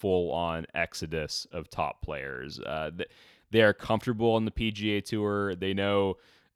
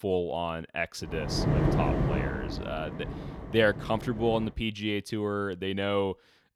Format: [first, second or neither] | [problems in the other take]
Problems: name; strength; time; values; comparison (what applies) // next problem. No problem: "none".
first | wind noise on the microphone; heavy; from 1 to 4.5 s; 5 dB below the speech